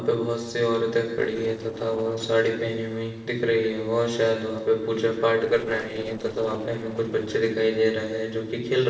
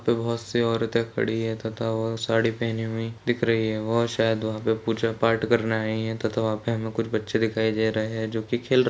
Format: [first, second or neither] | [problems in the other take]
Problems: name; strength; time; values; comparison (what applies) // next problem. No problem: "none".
second | noise reduction (neural separator model SepFormer DNS4)